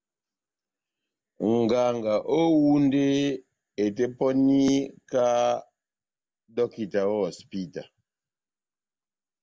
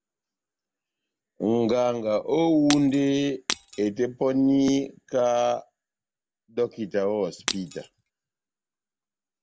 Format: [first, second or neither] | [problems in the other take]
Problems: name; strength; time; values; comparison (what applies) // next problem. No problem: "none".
first | background sound (Shatter); 8 dB below the speech